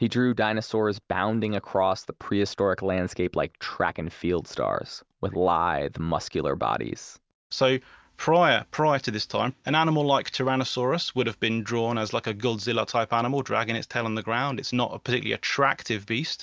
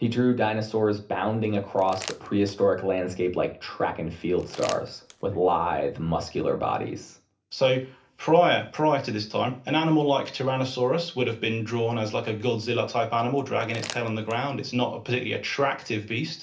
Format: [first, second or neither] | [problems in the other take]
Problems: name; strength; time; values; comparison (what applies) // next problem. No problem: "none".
first | background sound (Crumpling, crinkling); 18 dB below the speech // room echo; dies away in 0.3 s